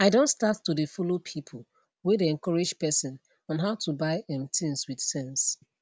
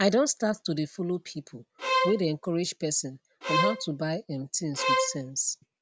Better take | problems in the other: first | background sound (Bowed string instrument); as loud as the speech

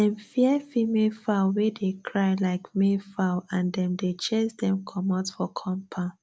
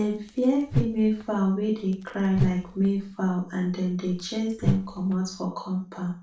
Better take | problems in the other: first | background sound (Whoosh, swoosh, swish); 6 dB below the speech // room echo; dies away in 0.3 s

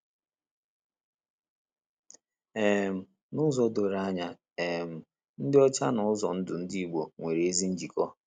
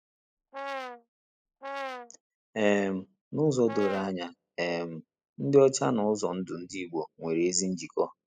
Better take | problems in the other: first | noise reduction (classical method spectral subtraction)

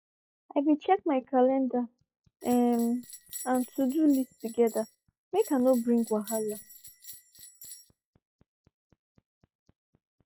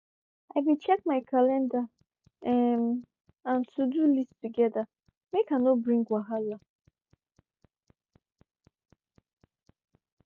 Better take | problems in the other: second | noise reduction (classical method log-MMSE)

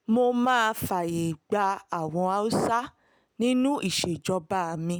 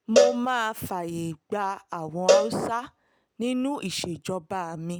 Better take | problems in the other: first | background sound (Cowbell); 2 dB above the speech

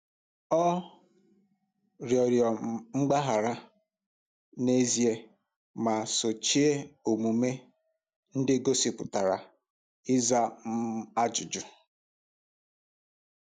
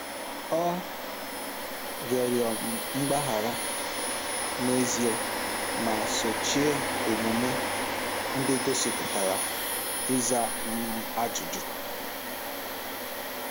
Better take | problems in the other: first | background sound (Domestic sounds, home sounds); as loud as the speech

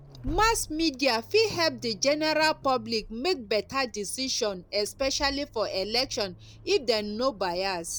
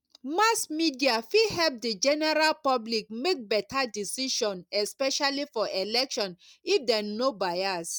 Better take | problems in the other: second | background sound (Accelerating, revving, vroom); 16 dB below the speech

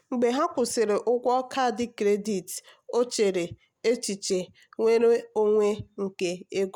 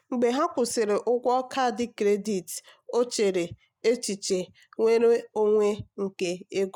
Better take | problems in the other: first | noise reduction (neural mask model Resemble Enhance denoiser)

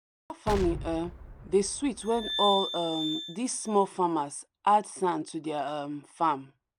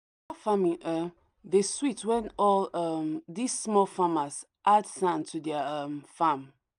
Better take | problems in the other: second | background sound (Explosion + Glass); 7 dB below the speech

